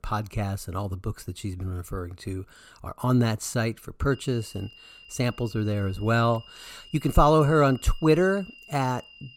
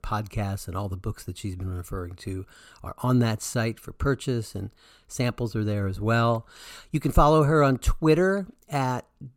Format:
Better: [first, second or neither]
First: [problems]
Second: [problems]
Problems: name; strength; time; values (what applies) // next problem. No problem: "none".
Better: second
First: high-pitched whine; faint; from 4 s on; 3 kHz, 20 dB below the speech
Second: none